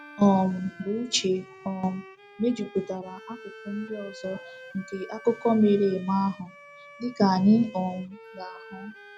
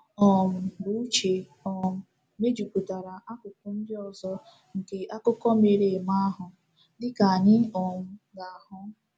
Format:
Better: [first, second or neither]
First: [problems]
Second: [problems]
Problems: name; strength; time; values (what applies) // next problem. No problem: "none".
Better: second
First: background sound (Wind instrument, woodwind instrument + Bowed string instrument); 20 dB below the speech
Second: none